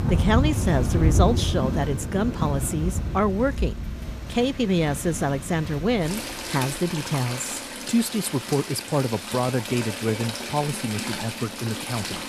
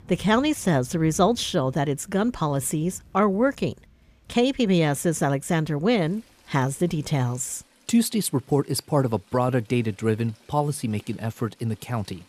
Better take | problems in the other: second | rain or running water; loud; throughout; 3 dB below the speech; faint in the second

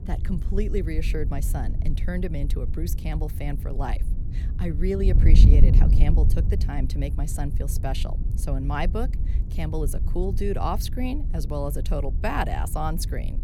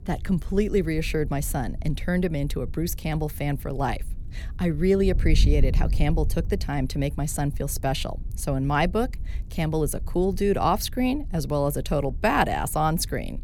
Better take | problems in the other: second | wind noise on the microphone; heavy; 9 dB below the speech; occasional gusts in the second

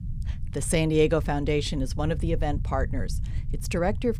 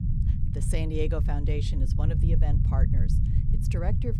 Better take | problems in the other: first | low rumble; loud; throughout; 4 dB below the speech; faint in the first

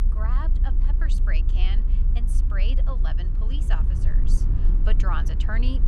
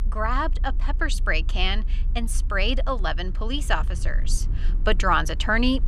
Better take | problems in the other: second | low rumble; loud; throughout; 7 dB below the speech; faint in the second

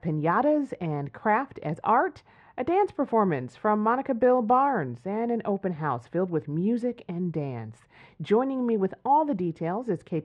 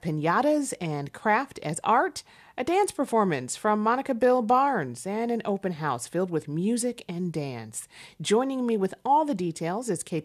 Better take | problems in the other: second | muffled; very; fading above 1.5 kHz

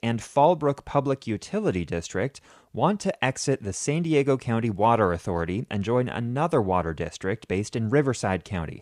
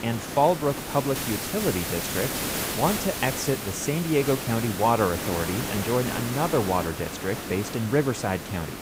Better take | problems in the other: first | hiss; loud; throughout; 4 dB below the speech

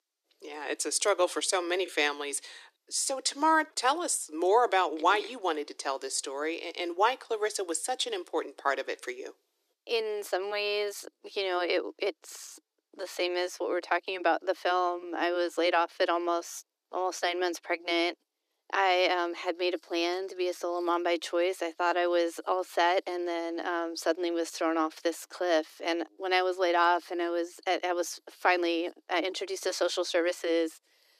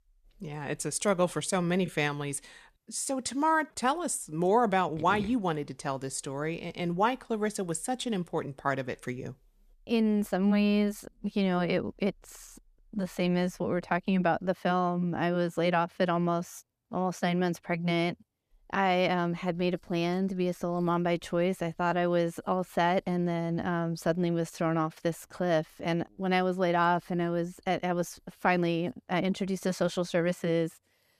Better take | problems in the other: second | thin; very; fading below 300 Hz

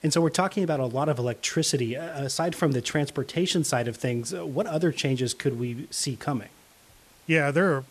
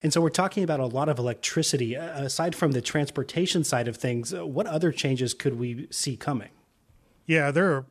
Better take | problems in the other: second | hiss; faint; throughout; 30 dB below the speech

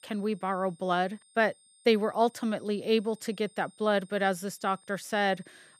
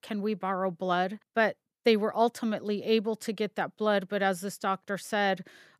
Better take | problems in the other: second | high-pitched whine; faint; throughout; 8.5 kHz, 30 dB below the speech

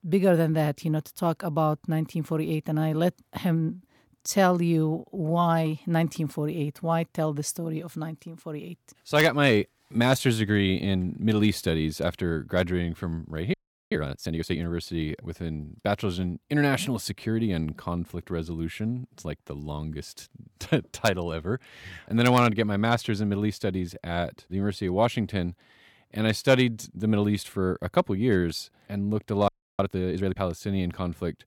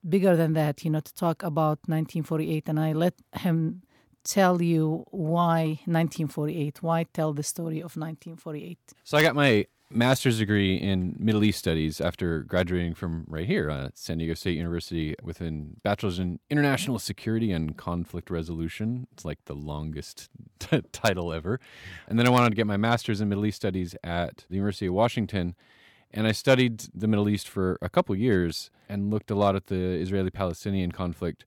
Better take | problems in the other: second | audio freezing; at 14 s and at 29 s

